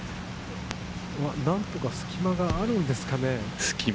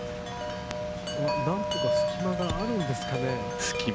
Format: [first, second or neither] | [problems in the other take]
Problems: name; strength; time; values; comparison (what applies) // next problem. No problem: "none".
first | background sound (Wind chime); as loud as the speech